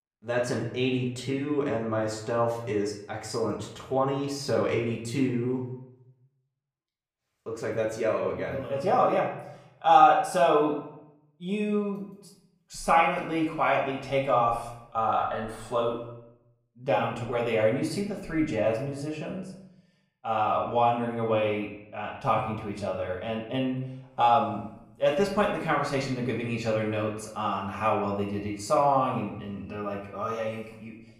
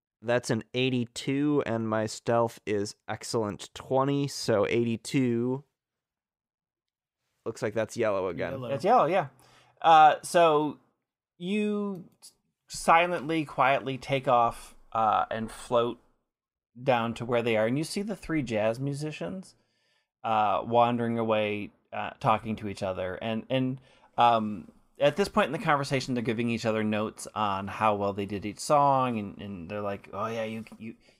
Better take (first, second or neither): second